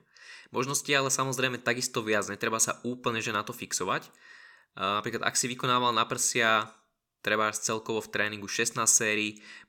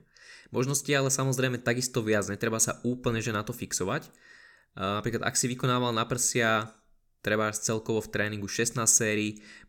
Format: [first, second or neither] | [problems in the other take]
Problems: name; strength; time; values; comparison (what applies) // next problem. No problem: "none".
second | thin; very slightly; fading below 450 Hz